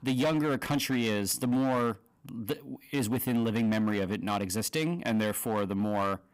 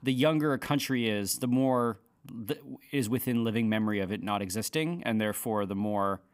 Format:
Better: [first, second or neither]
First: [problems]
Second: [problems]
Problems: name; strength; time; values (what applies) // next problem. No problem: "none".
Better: second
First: distortion; slight; 12% of the sound clipped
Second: none